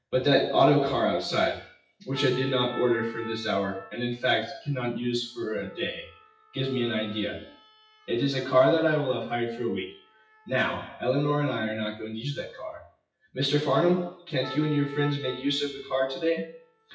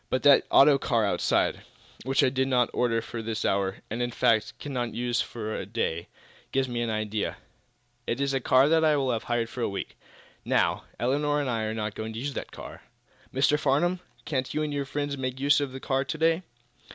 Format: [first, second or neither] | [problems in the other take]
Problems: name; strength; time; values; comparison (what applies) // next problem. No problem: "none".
second | noise reduction (classical method WPE with log-MMSE)